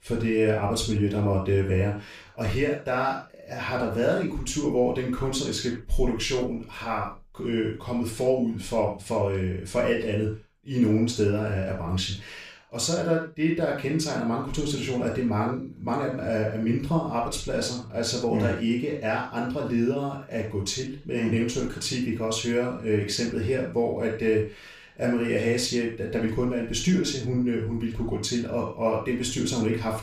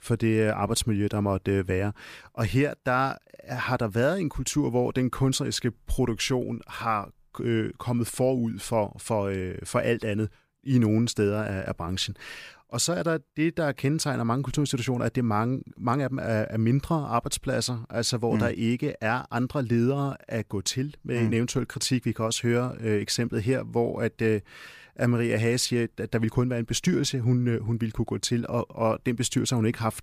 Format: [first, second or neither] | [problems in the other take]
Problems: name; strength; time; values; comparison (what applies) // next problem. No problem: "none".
second | room echo; noticeable; dies away in 0.3 s // off-mic speech; far